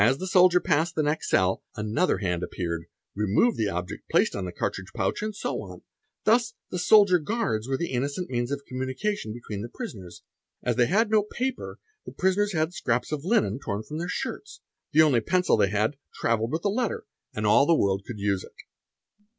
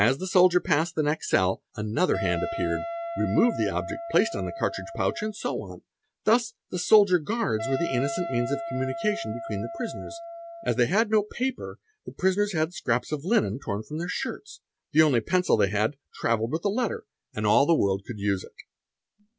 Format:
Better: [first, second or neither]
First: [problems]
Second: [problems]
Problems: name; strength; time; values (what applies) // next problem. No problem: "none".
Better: first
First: none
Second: background sound (Wind instrument, woodwind instrument); 8 dB below the speech